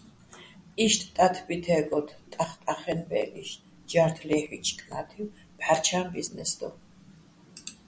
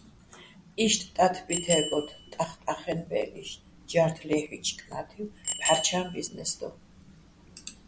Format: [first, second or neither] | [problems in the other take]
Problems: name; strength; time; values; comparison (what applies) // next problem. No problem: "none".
first | background sound (Bicycle bell); 8 dB below the speech